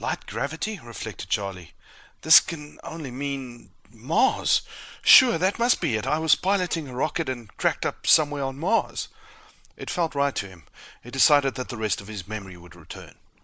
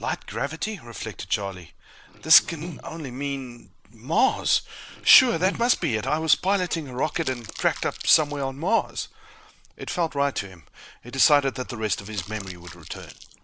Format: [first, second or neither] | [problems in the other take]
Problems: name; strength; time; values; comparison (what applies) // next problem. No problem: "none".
first | background sound (Liquid + Crumpling, crinkling); 13 dB below the speech